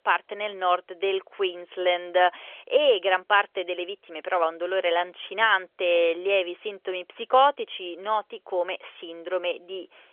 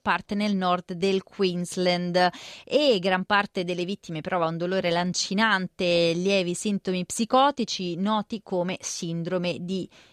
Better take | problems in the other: second | phone-call audio; nothing above 3.5 kHz

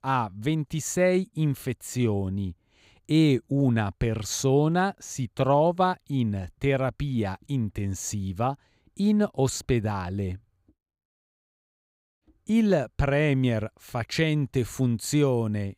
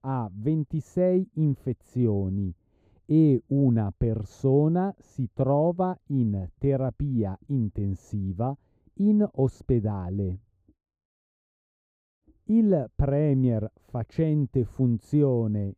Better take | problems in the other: first | muffled; very; fading above 1 kHz

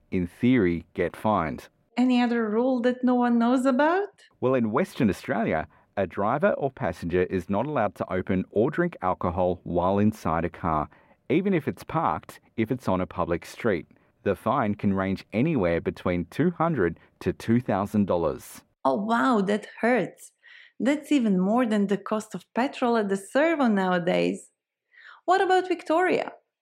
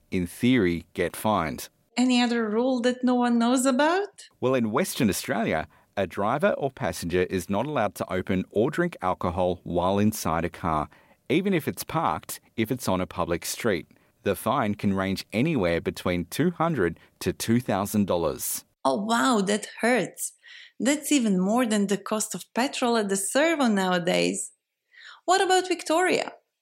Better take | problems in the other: second | muffled; slightly; fading above 3.5 kHz

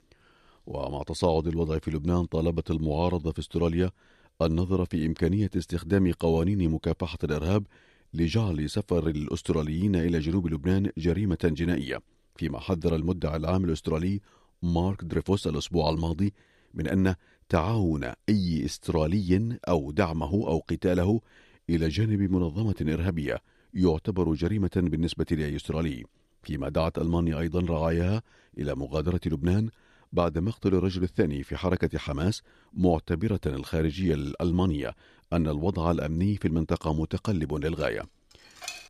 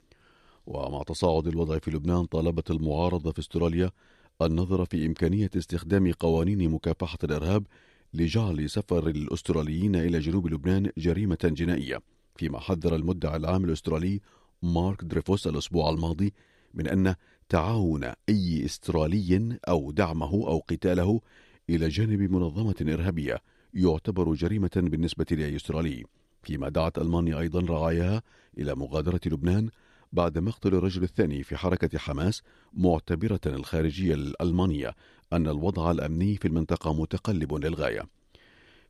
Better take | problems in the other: second | clattering dishes; faint; from 38 s on; peak 10 dB below the speech

